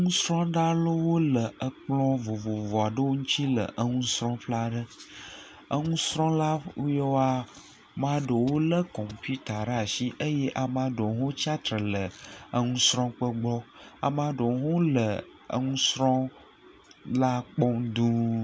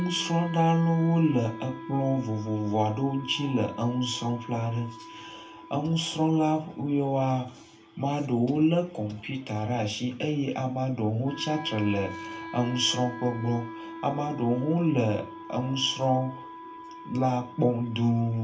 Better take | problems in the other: first | background sound (Wind instrument, woodwind instrument); 15 dB below the speech // room echo; dies away in 0.3 s

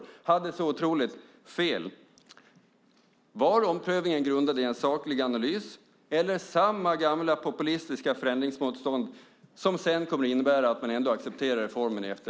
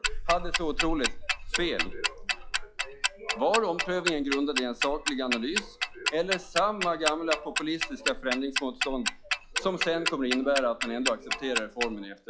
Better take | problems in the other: first | noise reduction (classical method log-MMSE)

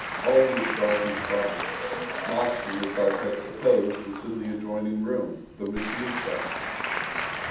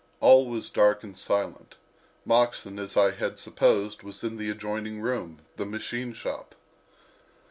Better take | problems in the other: second | background sound (Applause / Crowd); 5 dB below the speech // room echo; dies away in 0.8 s

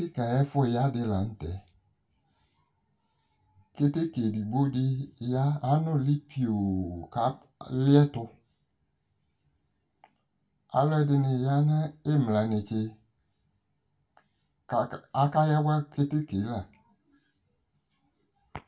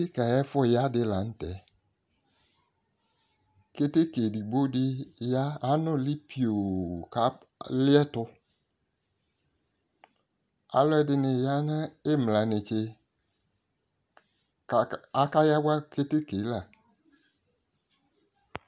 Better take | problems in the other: second | room echo; dies away in 0.2 s

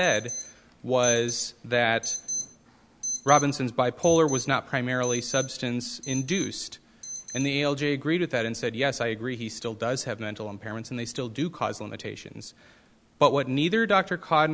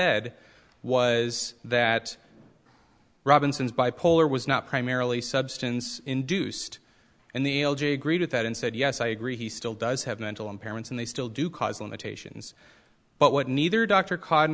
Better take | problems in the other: second | background sound (Alarm); 13 dB below the speech

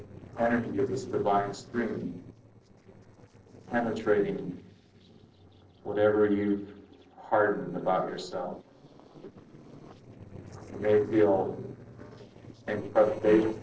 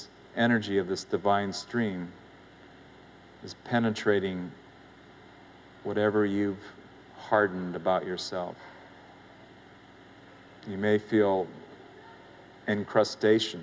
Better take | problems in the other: second | noise reduction (neural separator model SepFormer DNS4)

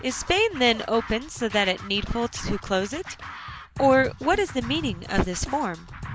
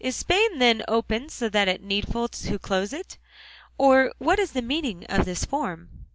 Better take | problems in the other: second | background sound (Scratching (performance technique)); 13 dB below the speech

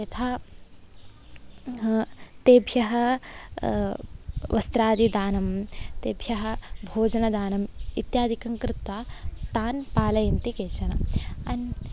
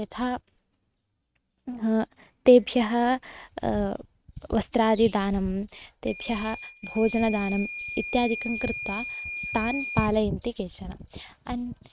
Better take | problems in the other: first | noise reduction (neural mask model RNNoise)

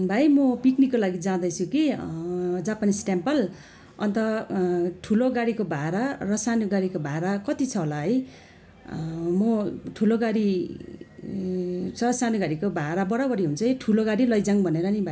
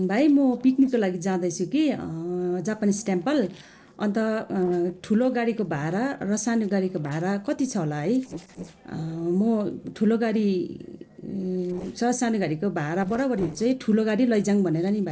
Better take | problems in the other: first | noise reduction (neural separator model SepFormer DNS4)

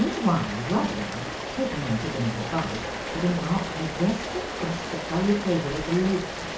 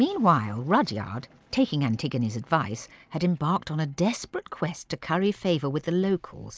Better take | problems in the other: second | background sound (Rain); 6 dB below the speech // room echo; dies away in 0.6 s

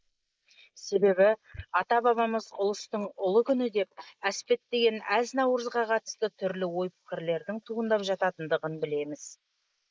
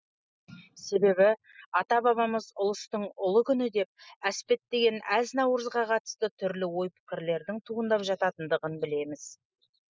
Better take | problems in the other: second | noise reduction (neural mask model Resemble Enhance denoiser)

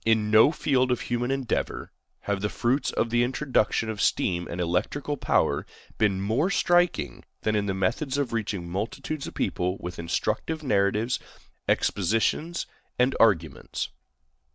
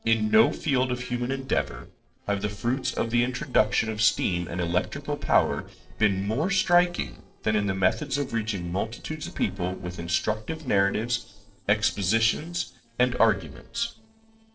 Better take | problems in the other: first | noise reduction (neural separator model SepFormer DNS4)

